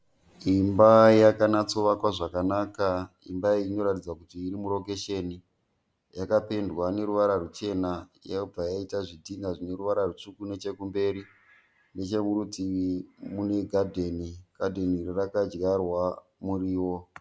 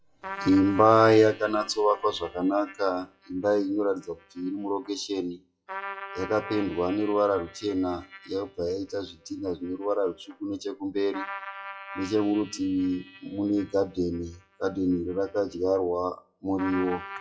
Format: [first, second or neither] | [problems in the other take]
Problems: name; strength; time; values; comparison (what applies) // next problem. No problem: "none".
first | noise reduction (classical method WPE with log-MMSE)